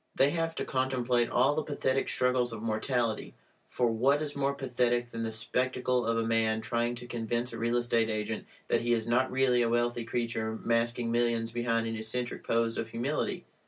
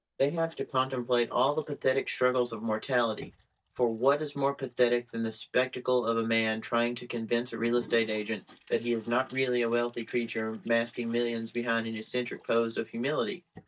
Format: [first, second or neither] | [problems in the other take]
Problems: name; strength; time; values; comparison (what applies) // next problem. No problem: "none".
first | noise reduction (neural mask model DeepFilterNet 3)